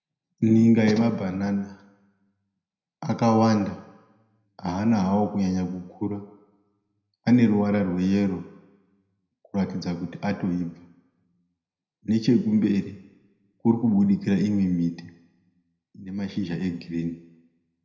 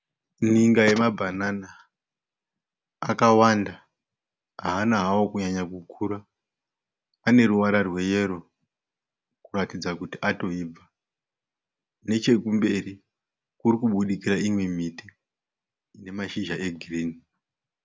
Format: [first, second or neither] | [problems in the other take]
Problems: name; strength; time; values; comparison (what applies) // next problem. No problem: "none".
second | room echo; dies away in 0.8 s